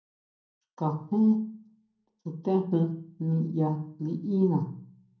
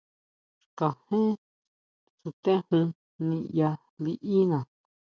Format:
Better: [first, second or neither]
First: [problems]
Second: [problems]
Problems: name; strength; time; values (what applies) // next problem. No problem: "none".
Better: second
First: room echo; dies away in 0.6 s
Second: none